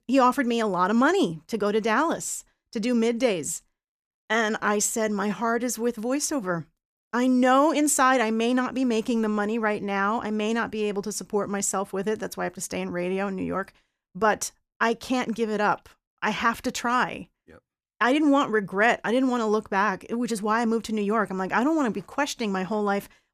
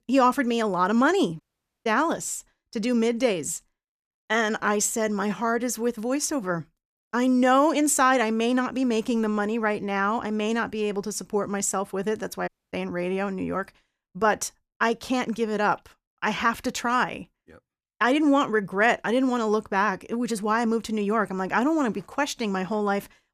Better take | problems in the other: first | audio cutting out; at 1.5 s and at 12 s

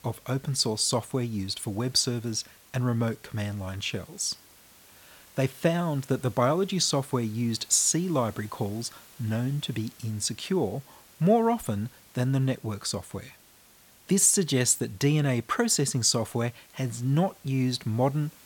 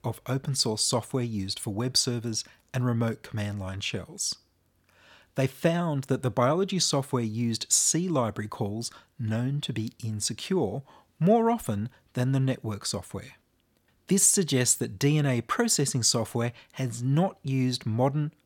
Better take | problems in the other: second | hiss; faint; throughout; 25 dB below the speech

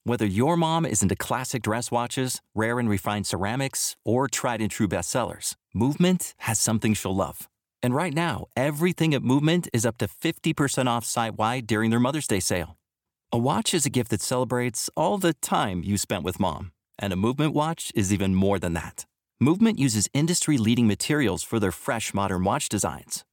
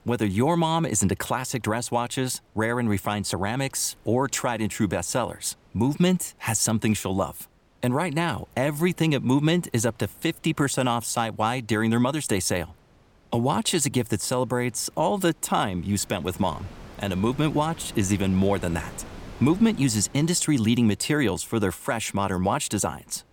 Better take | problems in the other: first | wind noise on the microphone; occasional gusts; 25 dB below the speech

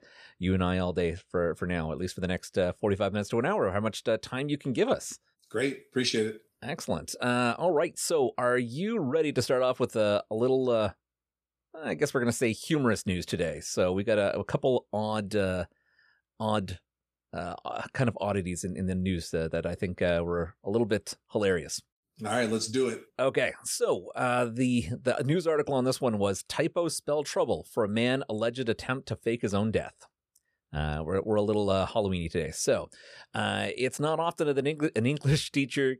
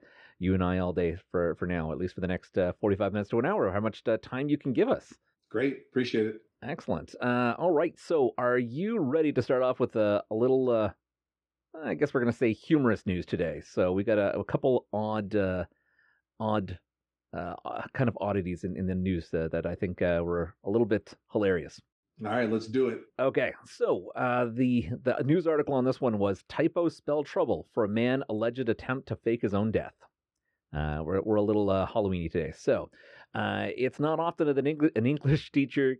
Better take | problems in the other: first | muffled; slightly; fading above 2.5 kHz

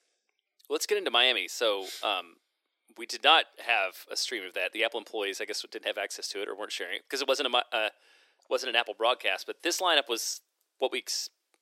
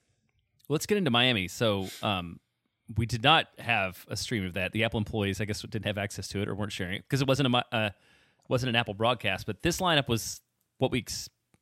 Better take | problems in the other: second | thin; very; fading below 350 Hz

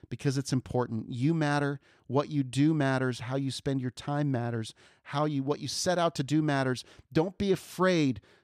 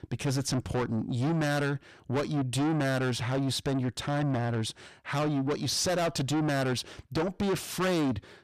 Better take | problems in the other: first | distortion; heavy; 5 dB below the speech

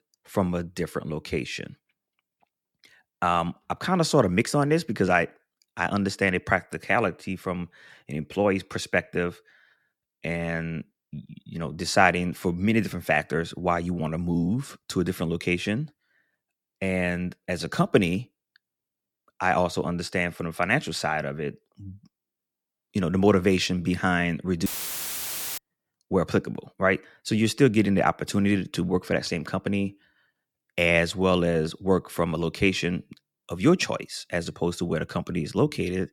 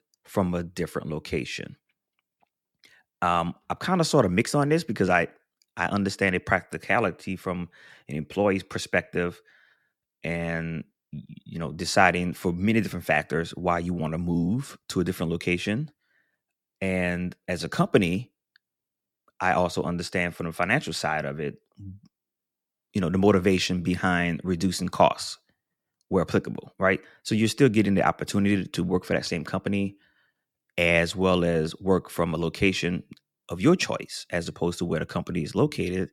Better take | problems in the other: second | audio cutting out; filled with static; at 25 s for 1 s

